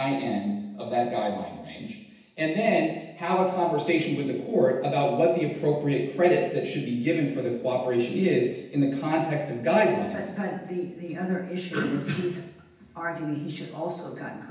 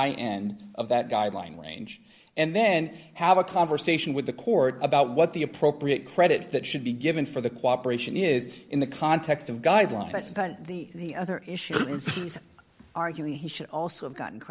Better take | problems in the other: second | room echo; dies away in 0.9 s

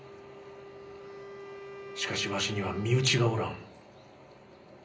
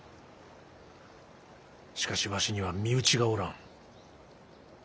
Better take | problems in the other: second | background sound (Wind instrument, woodwind instrument); 13 dB below the speech // room echo; dies away in 0.5 s

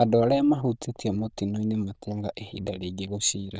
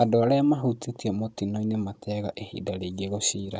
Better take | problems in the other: second | noise reduction (neural diffusion model UNIVERSE++)

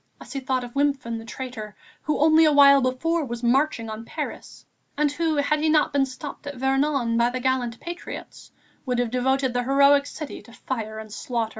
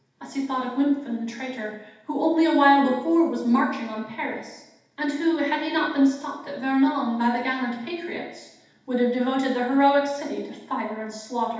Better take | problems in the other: first | room echo; dies away in 0.8 s

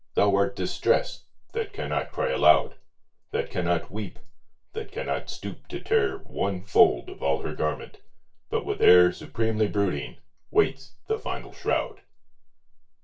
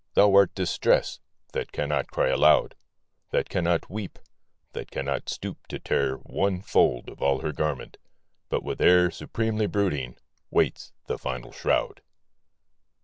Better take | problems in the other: second | room echo; dies away in 0.2 s

